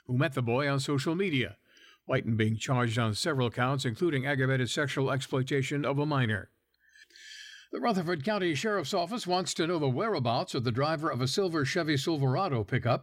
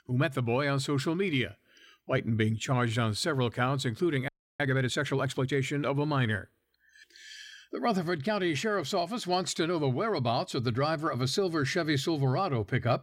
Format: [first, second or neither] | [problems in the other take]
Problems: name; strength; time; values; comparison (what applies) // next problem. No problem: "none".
first | audio freezing; at 4.5 s